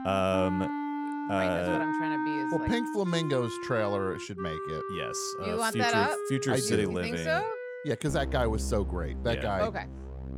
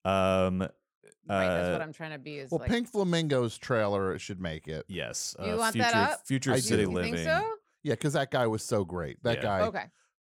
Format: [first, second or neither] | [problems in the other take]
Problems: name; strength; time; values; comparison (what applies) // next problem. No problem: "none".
second | background music; loud; throughout; 5 dB below the speech